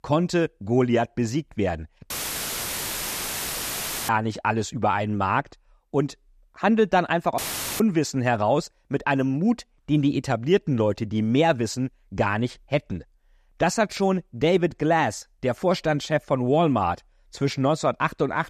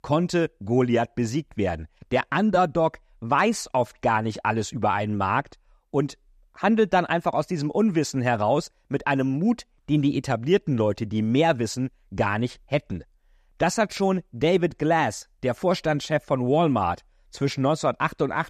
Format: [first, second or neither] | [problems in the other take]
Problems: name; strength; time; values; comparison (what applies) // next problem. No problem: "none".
second | audio cutting out; filled with static; at 2 s for 2 s and at 7.5 s